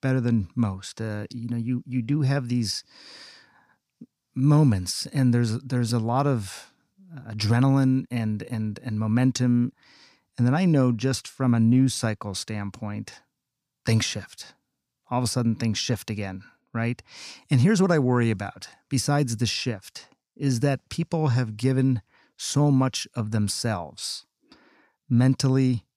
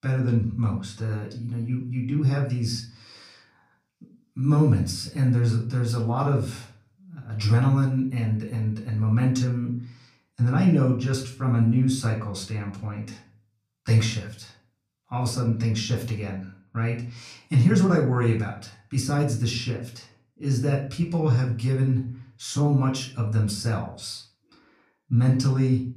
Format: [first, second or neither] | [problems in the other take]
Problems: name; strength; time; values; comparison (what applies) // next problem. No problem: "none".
first | off-mic speech; far // room echo; slight; dies away in 0.4 s